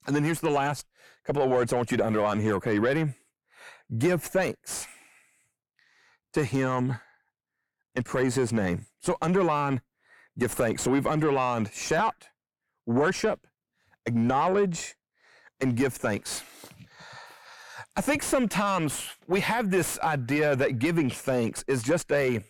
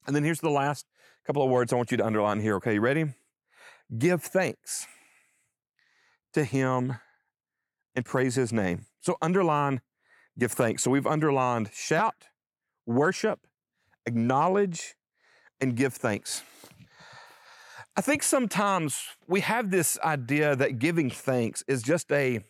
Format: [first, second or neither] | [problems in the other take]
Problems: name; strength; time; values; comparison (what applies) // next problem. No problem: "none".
second | distortion; slight; 9 dB below the speech